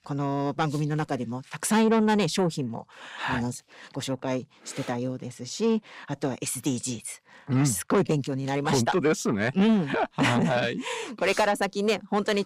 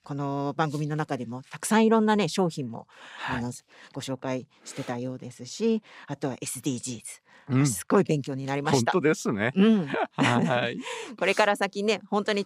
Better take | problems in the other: second | distortion; slight; 10 dB below the speech

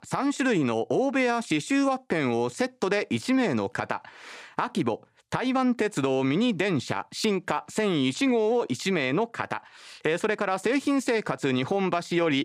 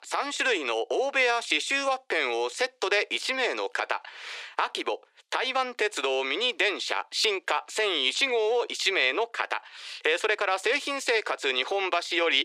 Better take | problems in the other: first | thin; very; fading below 350 Hz

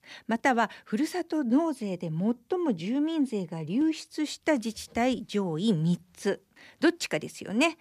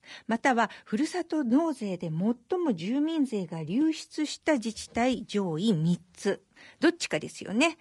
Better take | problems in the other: first | garbled, watery; slightly; nothing above 10.5 kHz

